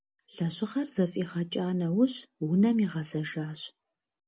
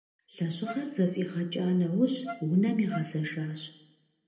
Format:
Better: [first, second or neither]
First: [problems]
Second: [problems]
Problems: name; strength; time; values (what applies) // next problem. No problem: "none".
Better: first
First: none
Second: background sound (Wind instrument, woodwind instrument); 14 dB below the speech // room echo; dies away in 0.7 s